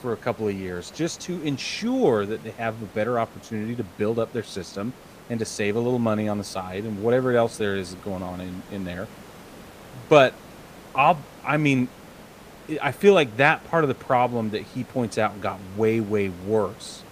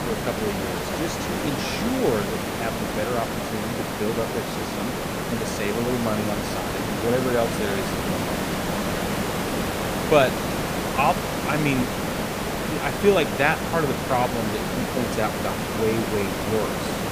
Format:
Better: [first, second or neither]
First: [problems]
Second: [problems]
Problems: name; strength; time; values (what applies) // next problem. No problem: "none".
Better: first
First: hiss; faint; throughout; 20 dB below the speech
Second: hiss; loud; throughout; as loud as the speech